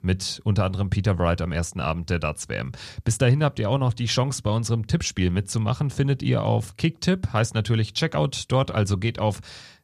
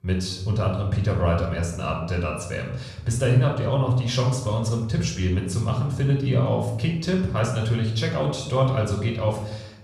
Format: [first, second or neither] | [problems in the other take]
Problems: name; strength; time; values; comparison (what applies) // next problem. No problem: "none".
first | off-mic speech; somewhat distant // room echo; noticeable; dies away in 0.7 s